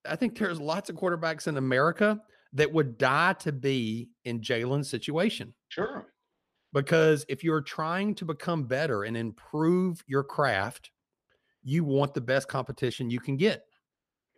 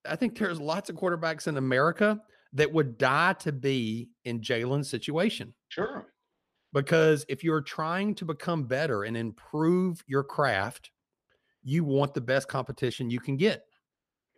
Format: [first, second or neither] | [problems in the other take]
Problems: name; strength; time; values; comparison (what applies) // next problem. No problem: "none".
neither | none